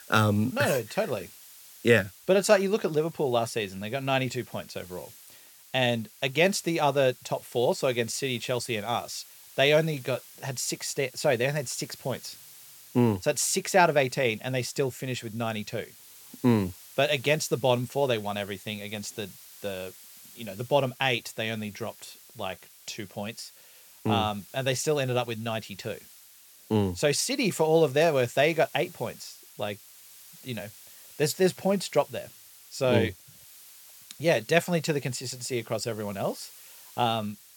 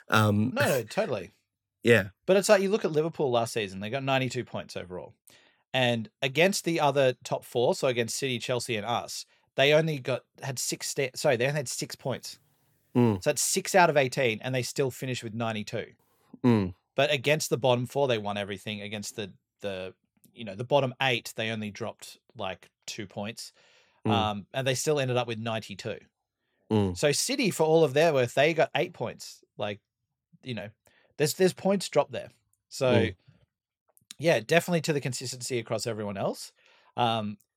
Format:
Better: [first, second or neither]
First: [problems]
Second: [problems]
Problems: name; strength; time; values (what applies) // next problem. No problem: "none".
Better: second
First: hiss; faint; throughout; 20 dB below the speech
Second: none